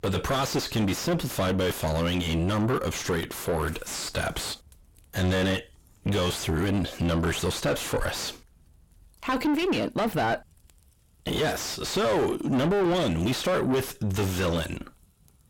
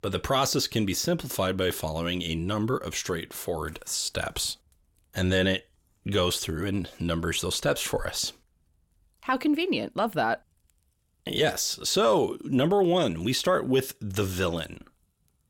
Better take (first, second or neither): second